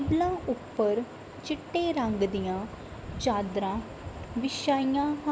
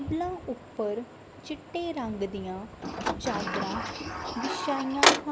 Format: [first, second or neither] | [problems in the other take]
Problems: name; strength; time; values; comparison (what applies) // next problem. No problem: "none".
first | background sound (Sliding door); 5 dB above the speech